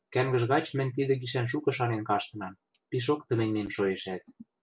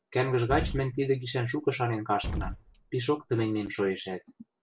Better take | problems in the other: first | background sound (Explosion); 8 dB below the speech

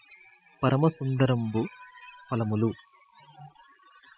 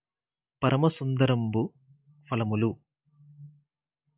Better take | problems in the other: second | noise reduction (classical method spectral subtraction)

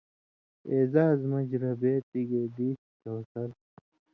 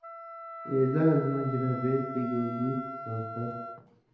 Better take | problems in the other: first | background sound (Wind instrument, woodwind instrument); 10 dB below the speech // room echo; dies away in 1 s

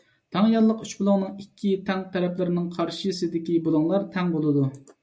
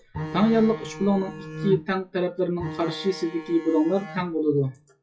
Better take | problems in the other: first | noise reduction (classical method WPE with log-MMSE)

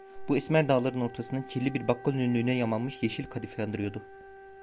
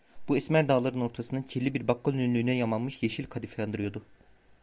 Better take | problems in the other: second | background sound (Wind instrument, woodwind instrument); 18 dB below the speech

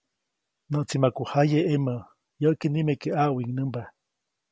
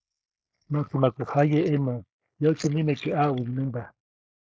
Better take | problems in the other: first | noise reduction (neural mask model Resemble Enhance denoiser)

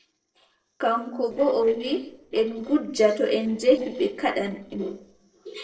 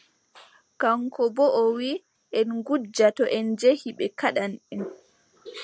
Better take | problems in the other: second | noise reduction (neural separator model SepFormer DNS4)

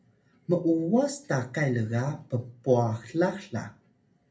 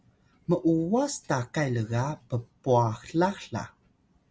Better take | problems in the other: second | room echo; dies away in 0.3 s

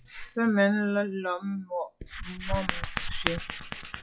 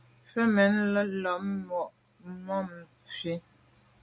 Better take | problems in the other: second | noise reduction (classical method log-MMSE)

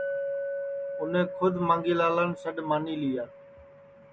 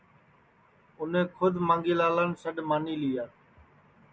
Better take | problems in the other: second | background sound (Chink, clink); 7 dB below the speech

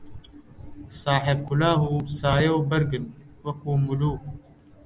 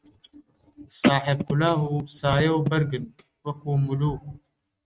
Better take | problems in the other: first | noise reduction (neural mask model RNNoise)

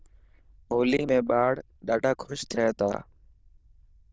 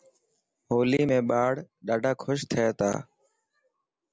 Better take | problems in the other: second | noise reduction (neural diffusion model UNIVERSE++)

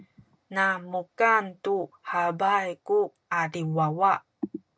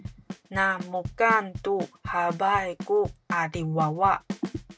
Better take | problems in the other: first | background sound (Bass drum / Snare drum / Drum kit); 12 dB below the speech

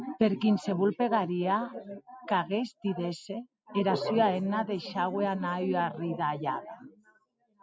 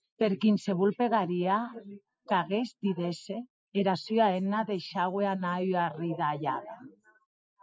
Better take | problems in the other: first | noise reduction (neural mask model Resemble Enhance denoiser)

